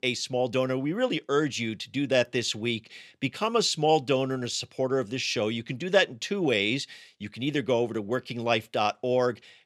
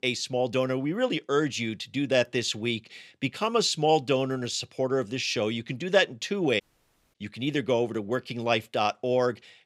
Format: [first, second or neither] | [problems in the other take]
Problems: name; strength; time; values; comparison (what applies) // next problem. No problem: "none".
first | audio cutting out; at 6.5 s for 0.5 s